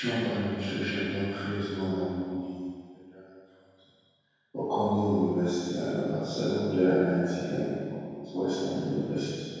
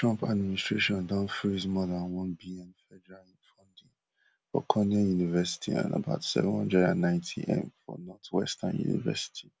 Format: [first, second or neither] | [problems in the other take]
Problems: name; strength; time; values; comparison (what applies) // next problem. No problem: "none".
second | room echo; dies away in 2.2 s